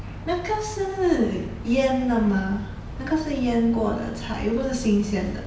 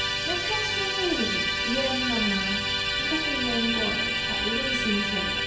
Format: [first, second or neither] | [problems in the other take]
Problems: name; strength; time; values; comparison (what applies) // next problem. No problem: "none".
first | background sound (Musical instrument); 4 dB above the speech